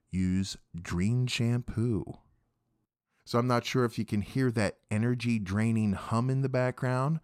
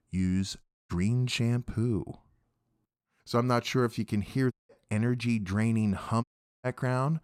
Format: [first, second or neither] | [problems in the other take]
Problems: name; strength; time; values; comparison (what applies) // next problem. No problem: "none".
first | audio cutting out; at 0.5 s, at 4.5 s and at 6 s